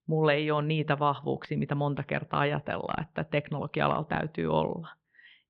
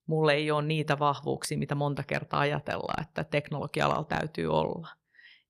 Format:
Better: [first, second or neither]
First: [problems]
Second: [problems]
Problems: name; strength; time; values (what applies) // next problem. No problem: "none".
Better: second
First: muffled; slightly; fading above 3.5 kHz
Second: none